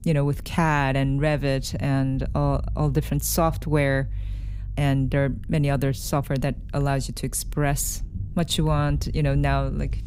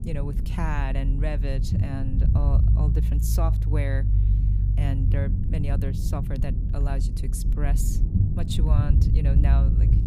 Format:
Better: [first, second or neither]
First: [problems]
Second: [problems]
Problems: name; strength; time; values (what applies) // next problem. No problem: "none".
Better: first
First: low rumble; faint; throughout; 25 dB below the speech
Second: low rumble; loud; throughout; 3 dB below the speech